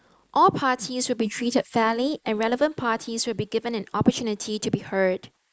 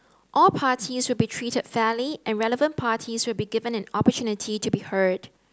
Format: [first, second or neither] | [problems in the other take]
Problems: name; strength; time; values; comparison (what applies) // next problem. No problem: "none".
second | noise reduction (neural mask model Resemble Enhance denoiser)